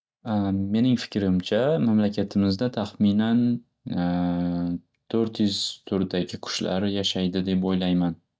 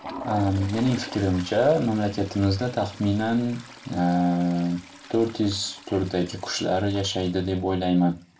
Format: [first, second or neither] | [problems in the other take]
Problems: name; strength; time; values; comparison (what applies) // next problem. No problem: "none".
first | background sound (Toilet flush); 17 dB below the speech // room echo; dies away in 0.2 s